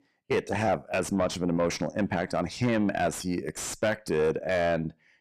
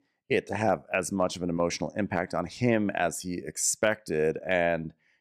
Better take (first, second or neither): second